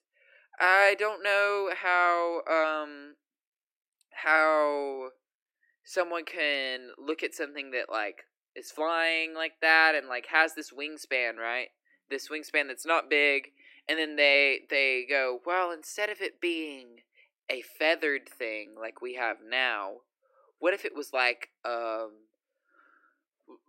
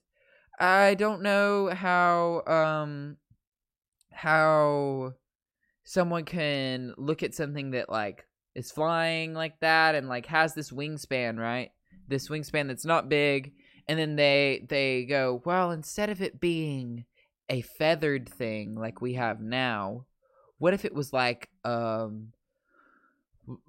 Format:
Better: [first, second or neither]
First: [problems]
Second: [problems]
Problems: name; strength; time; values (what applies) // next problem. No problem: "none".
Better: second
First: thin; somewhat; fading below 300 Hz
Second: none